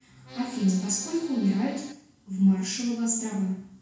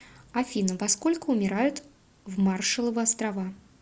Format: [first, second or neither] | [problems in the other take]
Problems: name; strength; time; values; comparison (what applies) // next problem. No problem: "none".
second | background sound (Accordion); 19 dB below the speech // room echo; dies away in 0.6 s